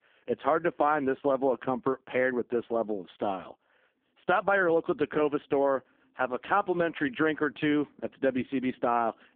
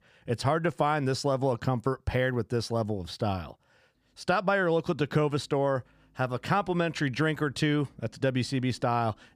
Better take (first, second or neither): second